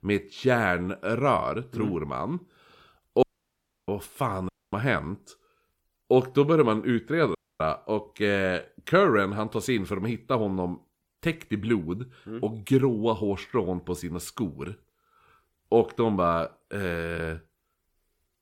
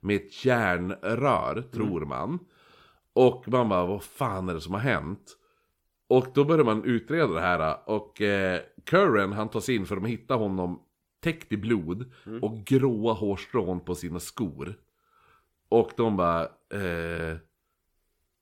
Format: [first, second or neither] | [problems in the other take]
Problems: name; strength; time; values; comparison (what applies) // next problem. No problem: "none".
second | audio cutting out; at 3 s for 0.5 s, at 4.5 s and at 7.5 s